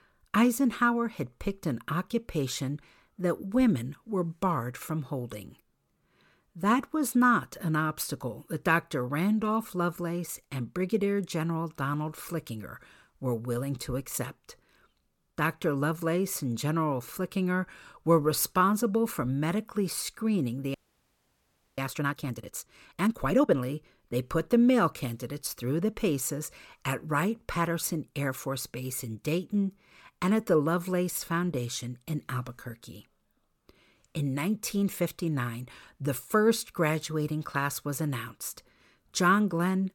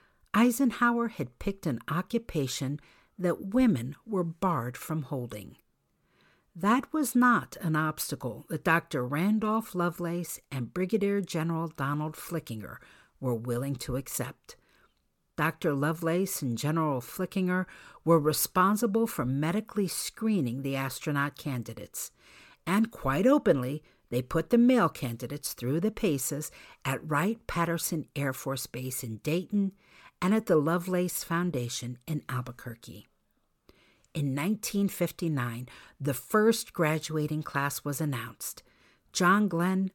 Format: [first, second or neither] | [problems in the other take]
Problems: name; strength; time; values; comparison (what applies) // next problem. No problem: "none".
second | audio freezing; at 21 s for 1 s